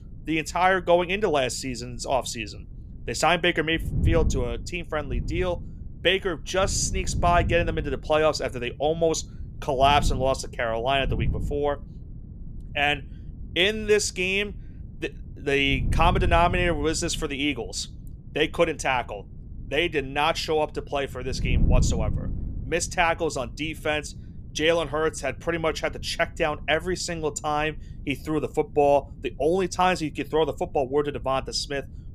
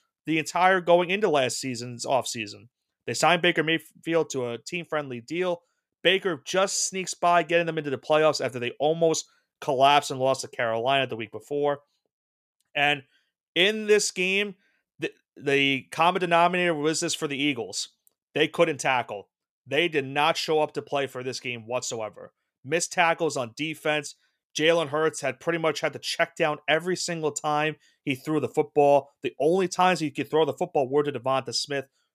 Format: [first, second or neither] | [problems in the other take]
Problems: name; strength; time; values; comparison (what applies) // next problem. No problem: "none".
second | wind noise on the microphone; occasional gusts; 20 dB below the speech